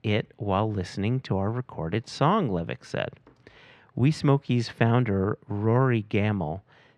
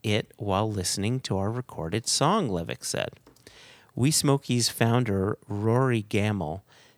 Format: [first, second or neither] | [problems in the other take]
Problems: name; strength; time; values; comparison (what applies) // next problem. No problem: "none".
second | muffled; slightly; fading above 2.5 kHz